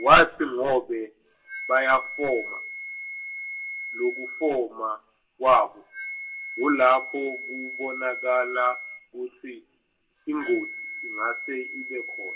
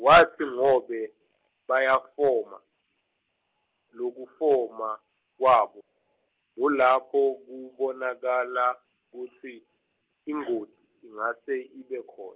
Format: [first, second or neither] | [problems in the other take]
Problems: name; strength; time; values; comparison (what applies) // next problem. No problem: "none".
second | background sound (Wind instrument, woodwind instrument); 11 dB below the speech // room echo; dies away in 0.2 s